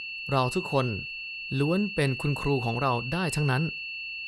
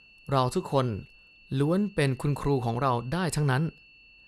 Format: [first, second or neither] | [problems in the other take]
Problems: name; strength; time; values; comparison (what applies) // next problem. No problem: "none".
second | high-pitched whine; loud; throughout; 2.5 kHz, 6 dB below the speech; faint in the second